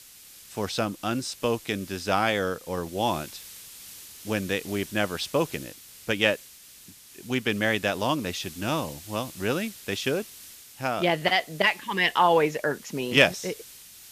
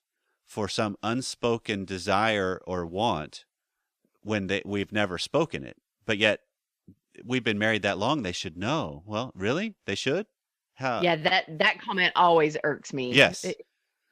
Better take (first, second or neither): second